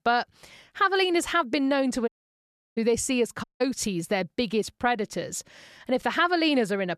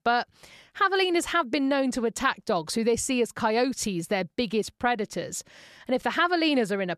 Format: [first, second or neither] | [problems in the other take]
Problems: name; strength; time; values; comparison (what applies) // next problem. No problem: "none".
second | audio cutting out; at 2 s for 0.5 s and at 3.5 s